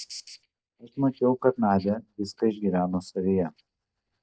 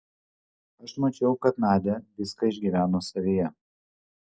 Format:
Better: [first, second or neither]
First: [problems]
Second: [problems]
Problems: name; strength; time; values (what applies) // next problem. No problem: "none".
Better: second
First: noise reduction (neural mask model DeepFilterNet 3)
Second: none